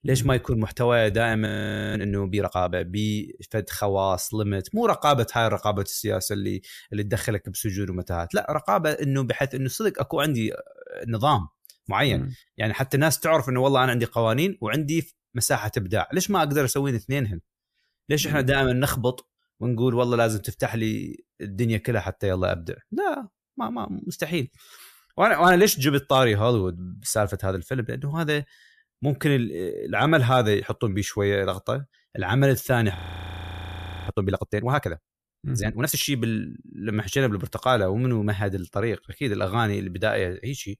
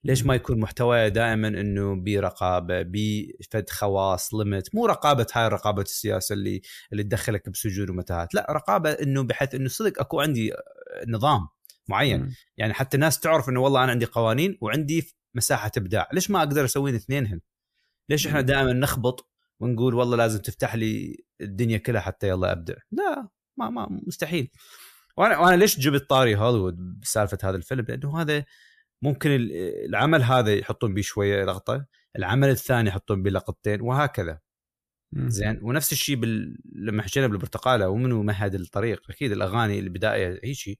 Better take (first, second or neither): second